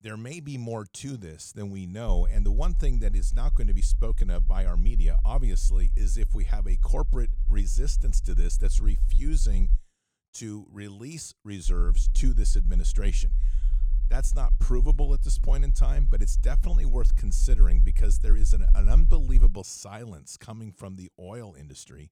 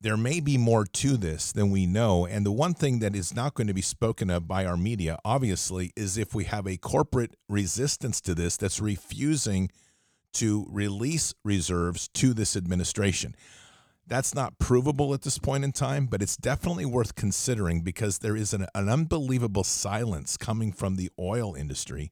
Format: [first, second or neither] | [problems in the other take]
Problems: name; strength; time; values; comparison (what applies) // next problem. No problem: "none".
second | low rumble; noticeable; from 2 to 10 s and from 12 to 19 s; 10 dB below the speech